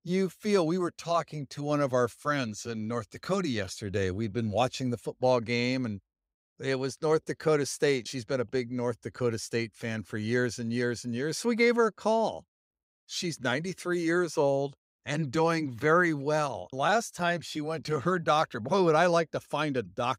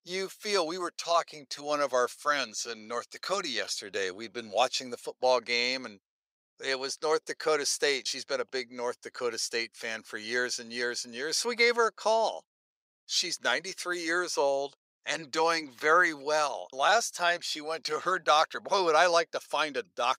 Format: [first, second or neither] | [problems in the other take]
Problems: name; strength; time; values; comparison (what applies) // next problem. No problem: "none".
first | thin; very; fading below 600 Hz